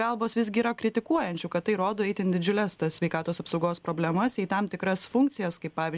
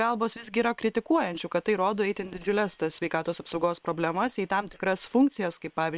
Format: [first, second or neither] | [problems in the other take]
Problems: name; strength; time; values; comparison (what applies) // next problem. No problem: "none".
first | noise reduction (neural separator model SepFormer WHAM!)